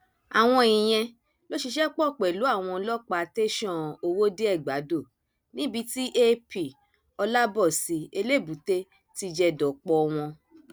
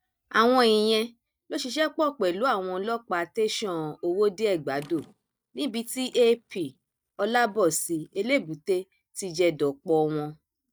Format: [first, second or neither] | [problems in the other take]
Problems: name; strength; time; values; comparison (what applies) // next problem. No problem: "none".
first | noise reduction (neural mask model DeepFilterNet 3)